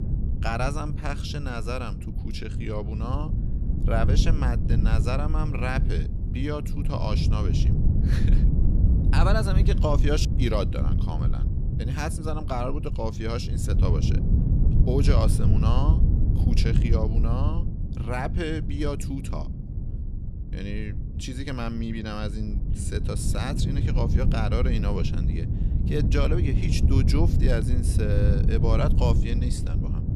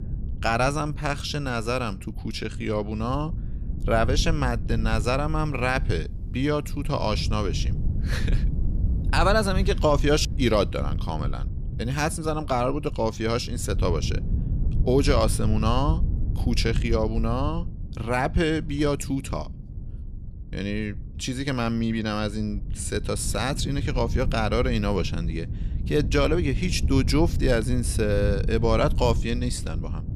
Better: second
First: wind noise on the microphone; heavy; 6 dB below the speech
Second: wind noise on the microphone; occasional gusts; 15 dB below the speech

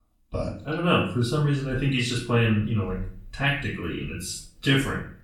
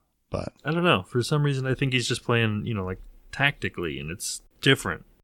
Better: second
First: off-mic speech; far // room echo; noticeable; dies away in 0.4 s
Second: none

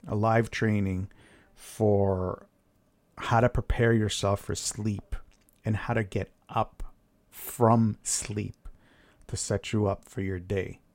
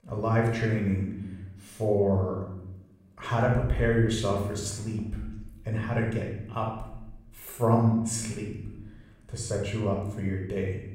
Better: first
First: none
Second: off-mic speech; somewhat distant // room echo; noticeable; dies away in 0.9 s

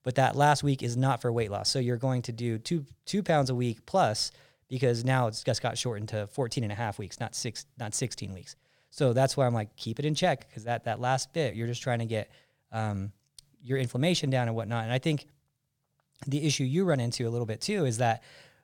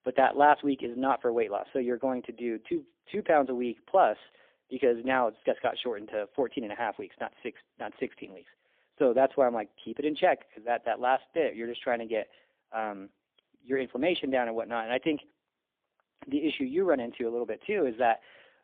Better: first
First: none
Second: phone-call audio; poor line; nothing above 3.5 kHz

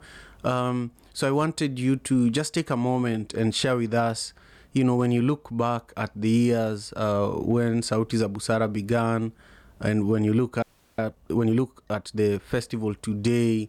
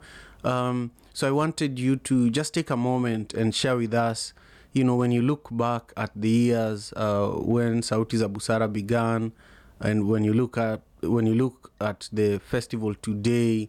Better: second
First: audio freezing; at 11 s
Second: none

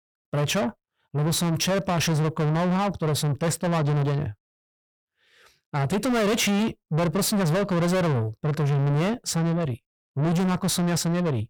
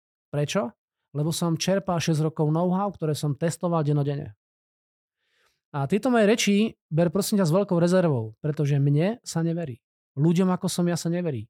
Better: second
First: distortion; heavy; 7 dB below the speech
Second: none

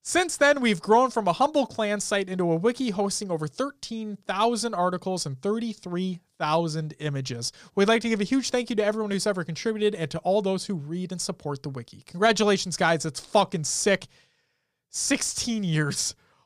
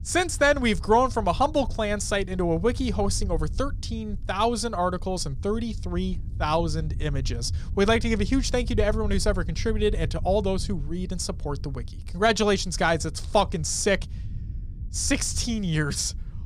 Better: first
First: none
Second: low rumble; faint; throughout; 25 dB below the speech

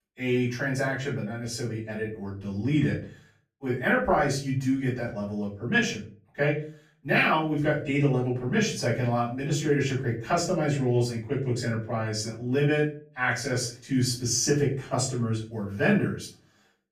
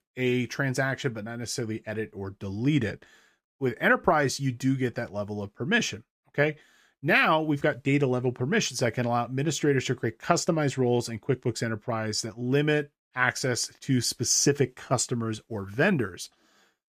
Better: second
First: off-mic speech; far // room echo; slight; dies away in 0.4 s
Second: none

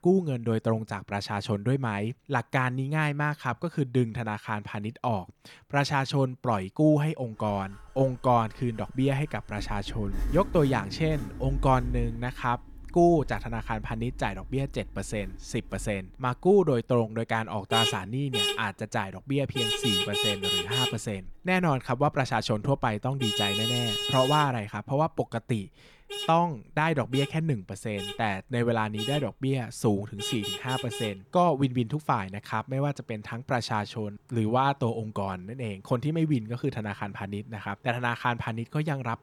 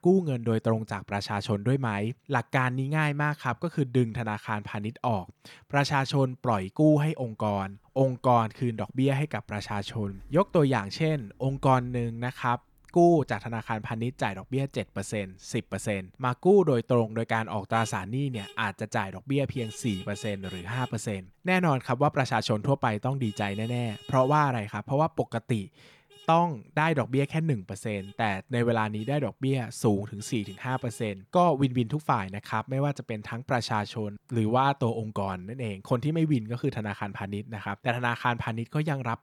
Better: second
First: traffic noise; loud; throughout; 3 dB below the speech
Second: traffic noise; faint; throughout; 20 dB below the speech

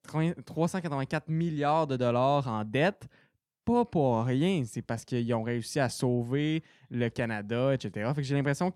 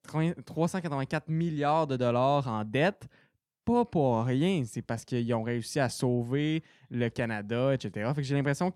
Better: neither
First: none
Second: none

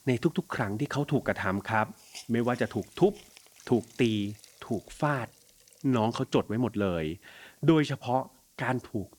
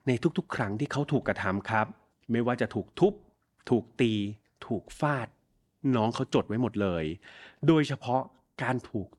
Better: second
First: hiss; faint; throughout; 25 dB below the speech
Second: none

